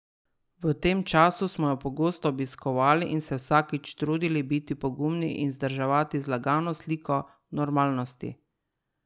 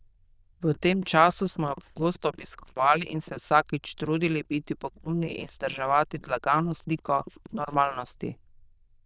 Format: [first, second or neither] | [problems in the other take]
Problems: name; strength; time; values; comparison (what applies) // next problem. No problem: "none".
first | noise reduction (neural diffusion model UNIVERSE++)